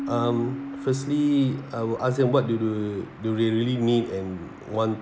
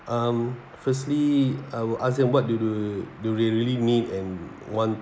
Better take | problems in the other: second | background sound (Keyboard (musical)); 14 dB below the speech

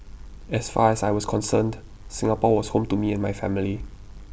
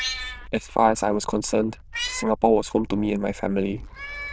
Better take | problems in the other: first | noise reduction (neural diffusion model UNIVERSE++)

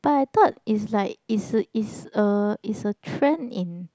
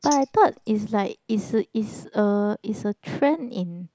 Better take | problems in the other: first | noise reduction (neural mask model Resemble Enhance denoiser)

